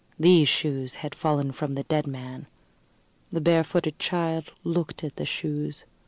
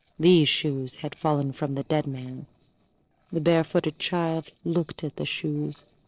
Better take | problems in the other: first | noise reduction (neural separator model SepFormer DNS4)

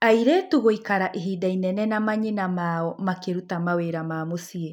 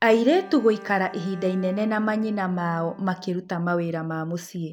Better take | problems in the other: first | background sound (Bowed string instrument); 20 dB below the speech

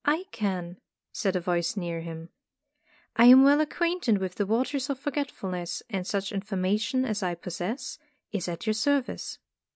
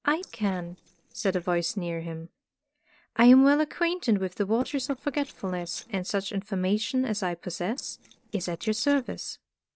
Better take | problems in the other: first | noise reduction (neural separator model SepFormer DNS4)

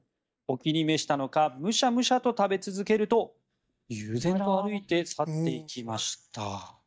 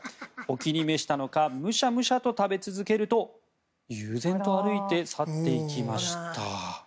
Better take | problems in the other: second | noise reduction (neural mask model DeepFilterNet 3)

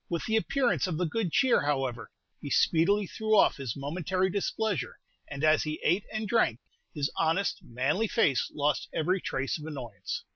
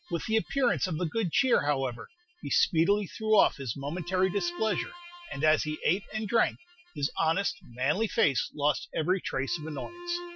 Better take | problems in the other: first | noise reduction (classical method Wiener filter)

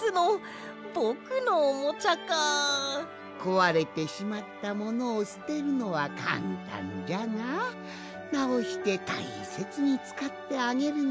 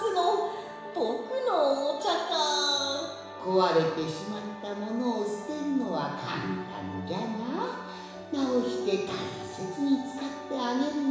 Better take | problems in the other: first | background sound (Wind instrument, woodwind instrument); 19 dB below the speech // room echo; dies away in 1 s

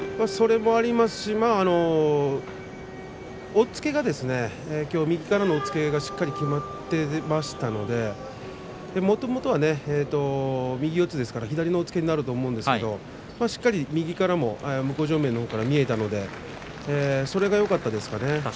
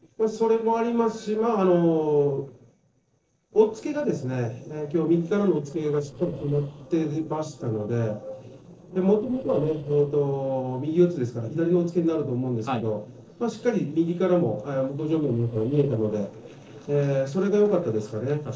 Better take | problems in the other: first | noise reduction (neural separator model SepFormer DNS4)

